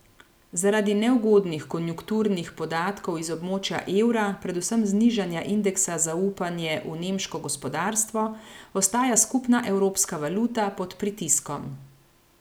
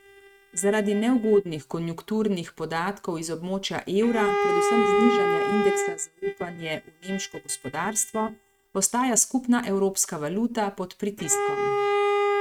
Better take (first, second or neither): first